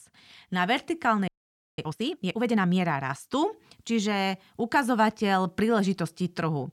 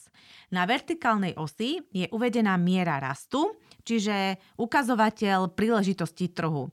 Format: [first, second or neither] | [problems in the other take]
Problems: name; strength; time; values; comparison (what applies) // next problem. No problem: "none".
second | audio freezing; at 1.5 s for 0.5 s